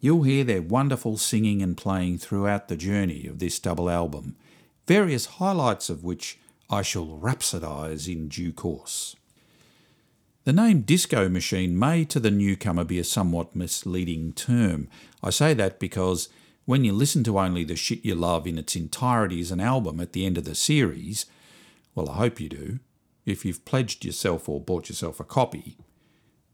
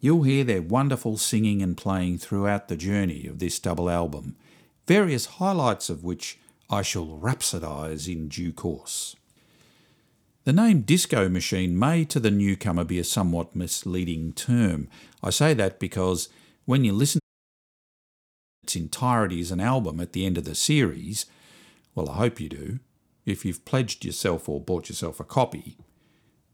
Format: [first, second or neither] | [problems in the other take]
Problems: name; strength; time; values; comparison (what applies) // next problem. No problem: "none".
first | audio cutting out; at 17 s for 1.5 s